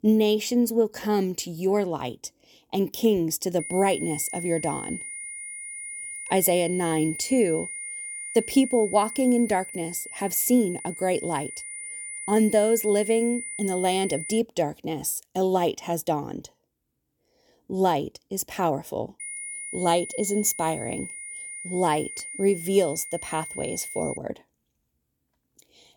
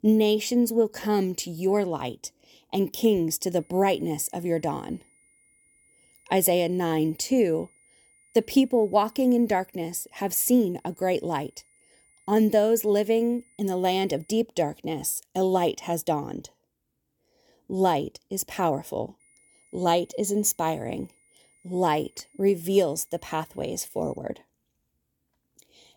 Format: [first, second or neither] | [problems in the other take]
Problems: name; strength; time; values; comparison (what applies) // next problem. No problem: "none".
second | high-pitched whine; loud; from 3.5 to 14 s and from 19 to 24 s; 9.5 kHz, 9 dB below the speech; faint in the second